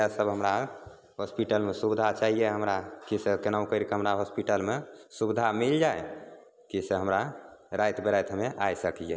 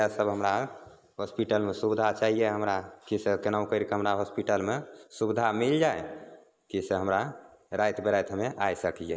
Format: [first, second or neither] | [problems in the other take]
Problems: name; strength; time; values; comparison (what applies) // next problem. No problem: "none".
first | noise reduction (neural mask model Resemble Enhance denoiser)